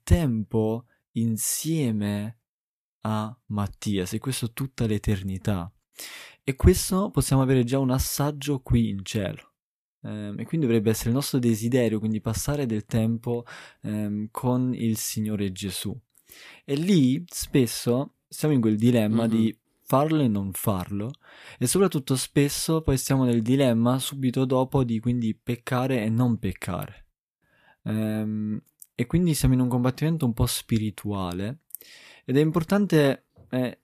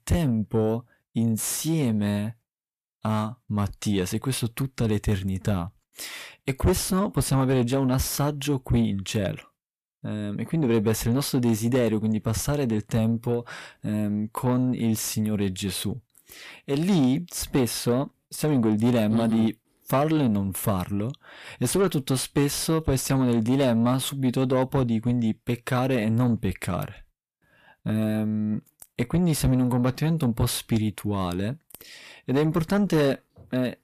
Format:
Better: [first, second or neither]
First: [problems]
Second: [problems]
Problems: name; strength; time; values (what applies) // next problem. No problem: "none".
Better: first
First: none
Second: distortion; slight; 10 dB below the speech